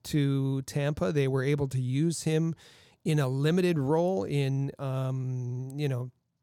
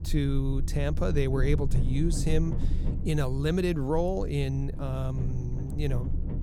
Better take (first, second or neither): first